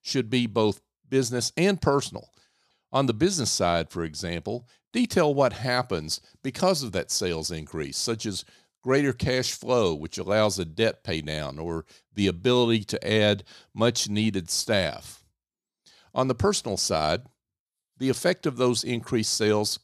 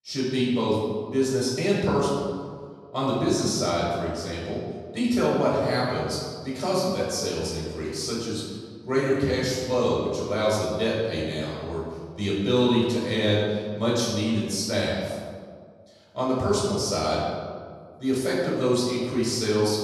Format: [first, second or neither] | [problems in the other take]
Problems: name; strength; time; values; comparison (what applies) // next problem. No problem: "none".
first | room echo; strong; dies away in 1.6 s // off-mic speech; far